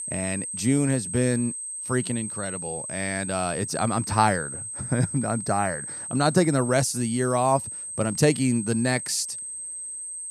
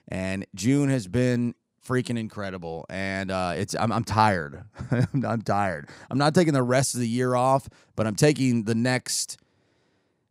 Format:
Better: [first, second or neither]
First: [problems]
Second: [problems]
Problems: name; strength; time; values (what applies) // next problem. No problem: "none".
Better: second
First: high-pitched whine; loud; throughout; 8.5 kHz, 6 dB below the speech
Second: none